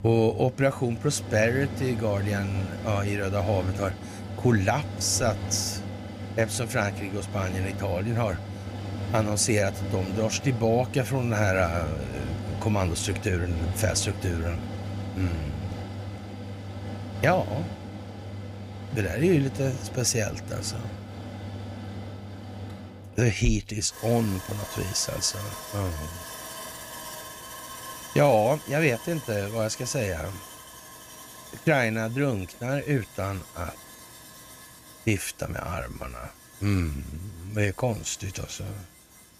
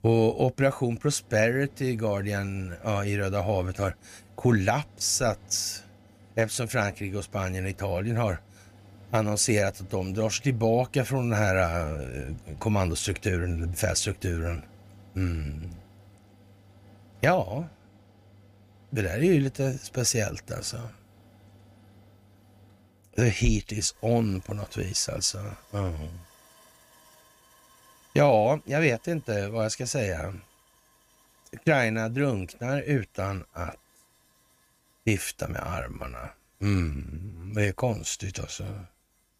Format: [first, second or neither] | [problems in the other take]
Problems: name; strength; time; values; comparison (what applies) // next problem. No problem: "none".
second | machinery noise; loud; throughout; 10 dB below the speech; faint in the second